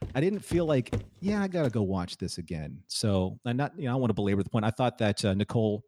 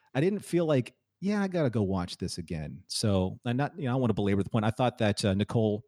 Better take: second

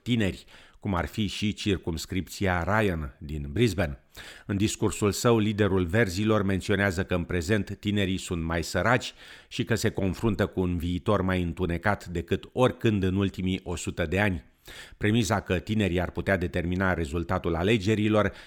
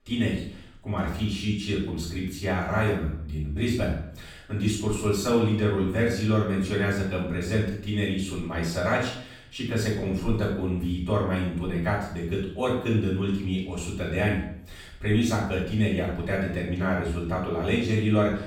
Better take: first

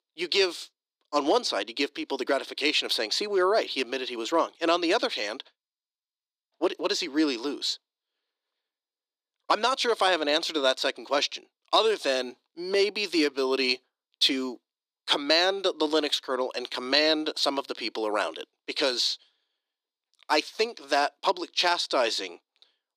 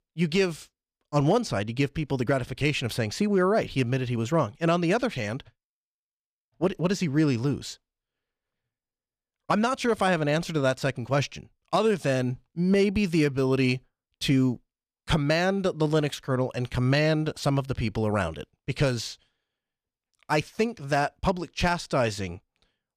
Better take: second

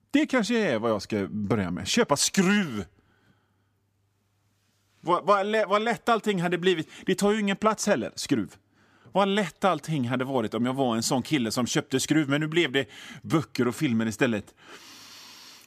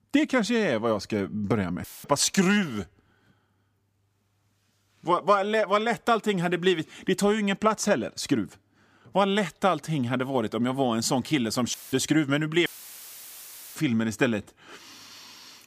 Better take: first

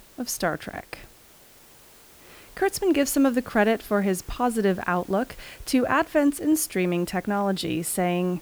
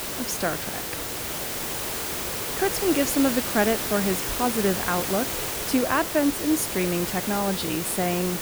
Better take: first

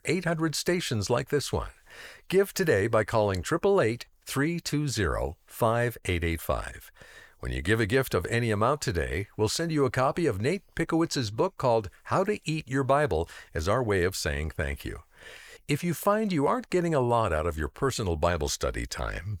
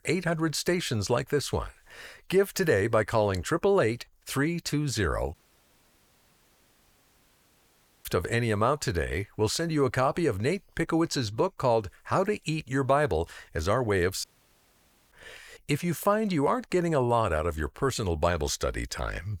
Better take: first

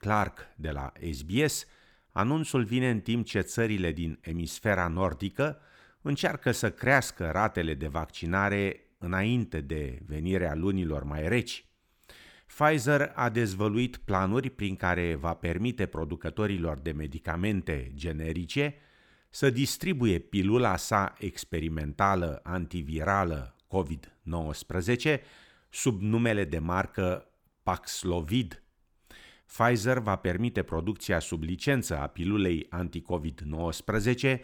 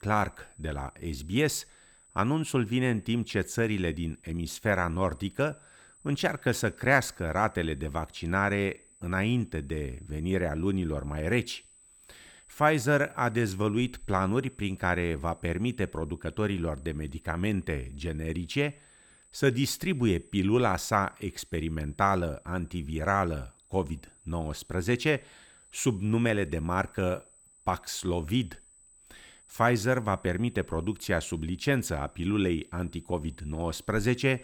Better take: first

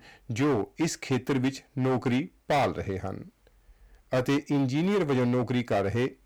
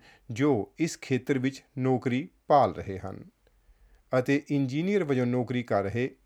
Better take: second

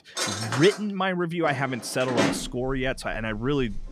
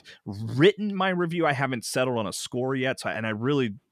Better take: second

